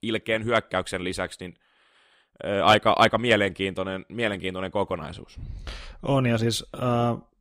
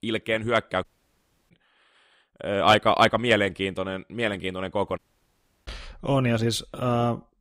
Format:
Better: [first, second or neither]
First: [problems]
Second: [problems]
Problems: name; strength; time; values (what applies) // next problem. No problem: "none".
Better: first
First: none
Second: audio cutting out; at 1 s for 0.5 s and at 5 s for 0.5 s